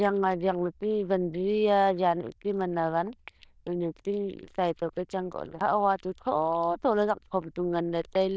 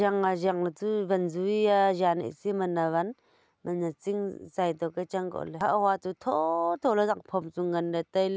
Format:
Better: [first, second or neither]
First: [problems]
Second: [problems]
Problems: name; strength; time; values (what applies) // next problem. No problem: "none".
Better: second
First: noise reduction (neural diffusion model UNIVERSE++)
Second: none